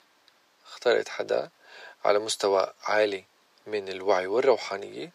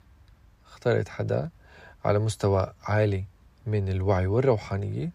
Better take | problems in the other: second | thin; very; fading below 350 Hz

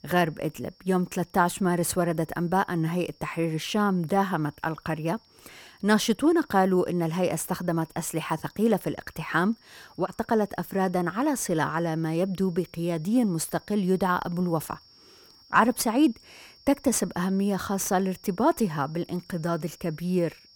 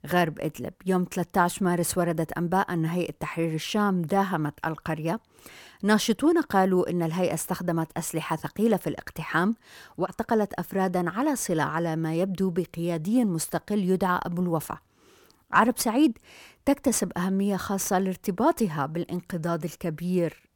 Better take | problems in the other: second | high-pitched whine; faint; throughout; 5.5 kHz, 30 dB below the speech

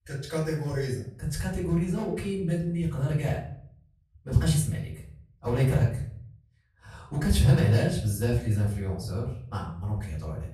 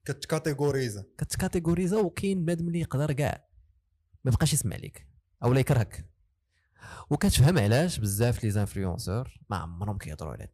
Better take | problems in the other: second | off-mic speech; far // room echo; noticeable; dies away in 0.5 s

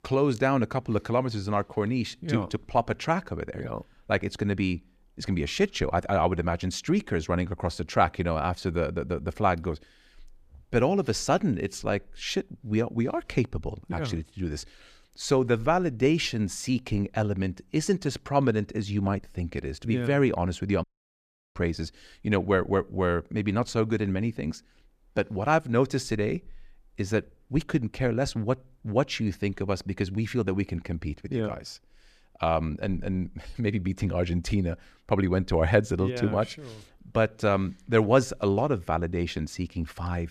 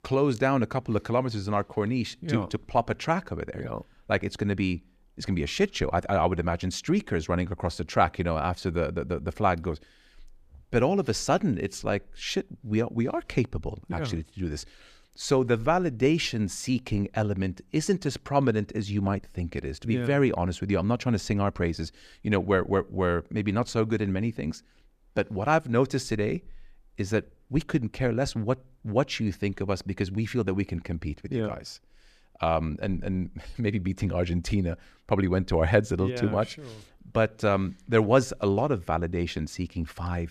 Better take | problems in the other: second | audio cutting out; at 21 s for 0.5 s

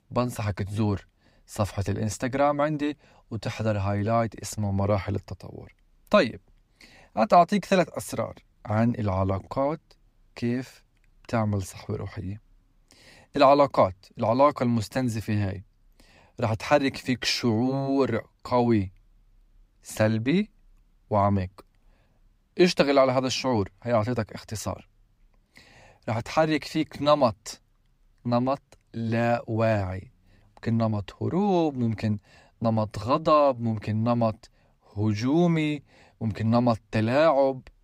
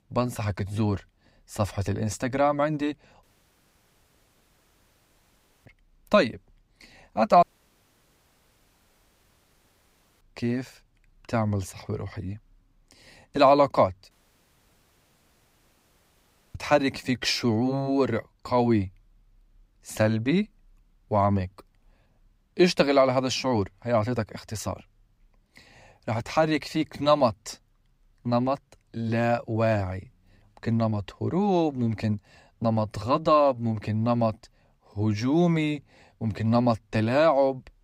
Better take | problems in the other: first | audio cutting out; at 3 s for 2.5 s, at 7.5 s for 3 s and at 14 s for 2.5 s

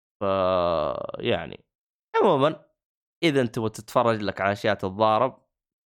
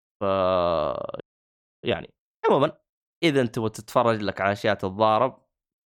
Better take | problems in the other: first | audio freezing; at 1 s for 0.5 s

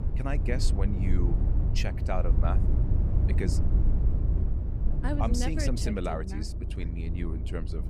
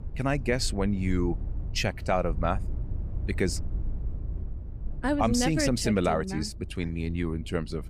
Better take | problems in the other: second | low rumble; loud; throughout; 6 dB below the speech; faint in the second

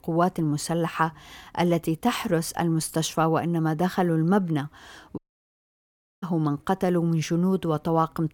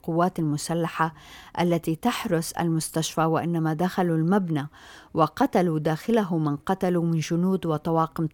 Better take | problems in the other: second | audio cutting out; at 5 s for 1 s

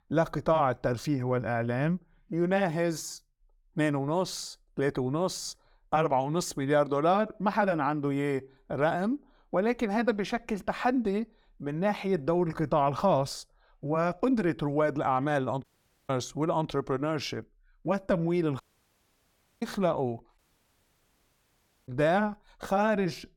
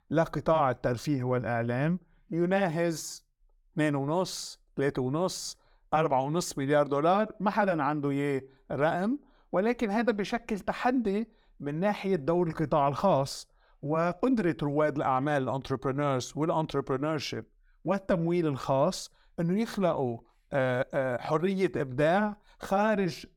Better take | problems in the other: second | audio cutting out; at 16 s, at 19 s for 1 s and at 20 s for 1.5 s

